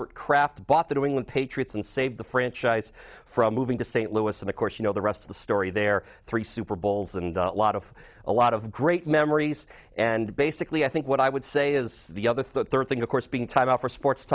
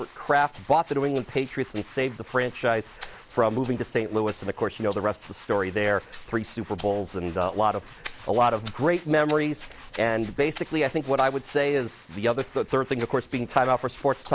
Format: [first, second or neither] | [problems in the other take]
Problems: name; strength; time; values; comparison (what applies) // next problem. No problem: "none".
first | noise reduction (neural mask model Resemble Enhance denoiser)